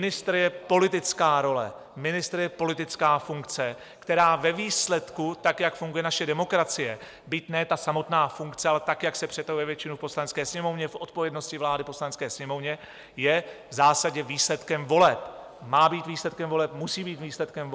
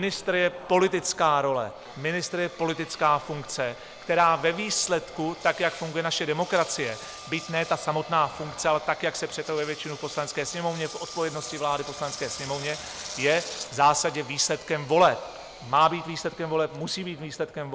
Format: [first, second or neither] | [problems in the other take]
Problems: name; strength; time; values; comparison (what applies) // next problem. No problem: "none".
first | background sound (Engine); 16 dB below the speech